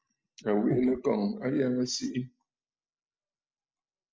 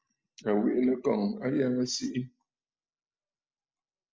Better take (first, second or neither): second